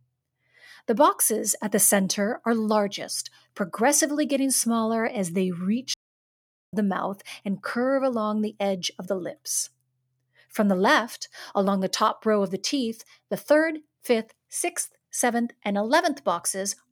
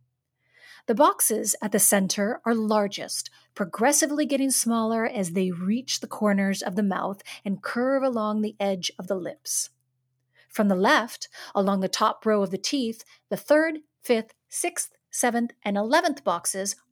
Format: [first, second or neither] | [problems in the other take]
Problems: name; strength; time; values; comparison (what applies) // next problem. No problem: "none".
second | audio cutting out; at 6 s for 1 s